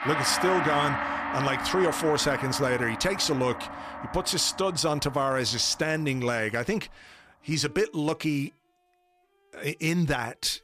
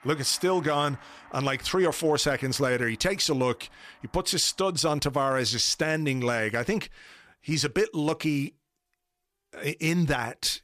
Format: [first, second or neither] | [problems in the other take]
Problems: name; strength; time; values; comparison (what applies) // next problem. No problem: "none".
second | background music; loud; throughout; 5 dB below the speech; faint in the second